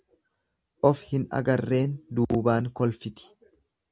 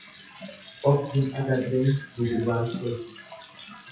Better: first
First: none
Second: noise reduction (classical method WPE with log-MMSE)

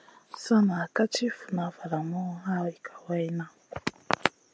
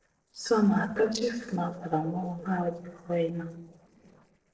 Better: first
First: none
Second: noise reduction (neural separator model SepFormer DNS4)

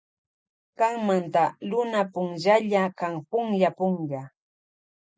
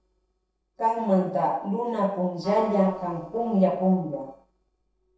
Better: first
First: none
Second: noise reduction (neural separator model SepFormer DNS4)

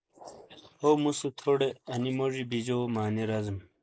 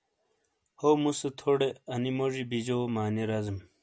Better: second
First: noise reduction (neural mask model Resemble Enhance denoiser)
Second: none

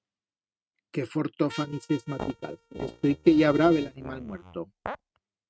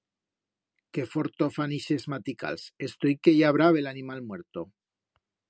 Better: second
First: noise reduction (neural mask model RNNoise)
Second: none

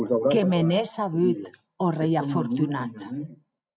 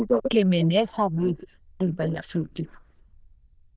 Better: first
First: none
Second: noise reduction (neural diffusion model UNIVERSE++)

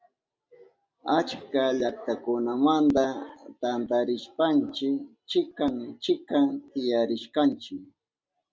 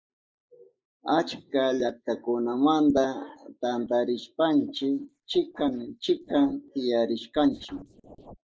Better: first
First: none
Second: noise reduction (neural mask model Resemble Enhance denoiser)

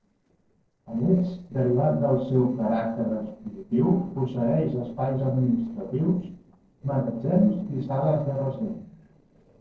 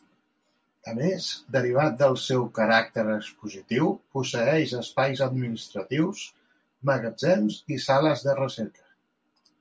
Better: second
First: noise reduction (neural separator model SepFormer DNS4)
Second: none

